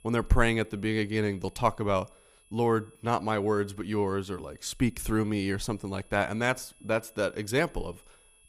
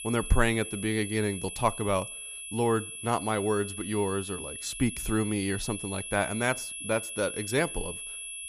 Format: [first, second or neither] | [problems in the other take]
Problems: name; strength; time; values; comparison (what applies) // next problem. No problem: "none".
first | high-pitched whine; loud; throughout; 11 kHz, 7 dB below the speech; faint in the first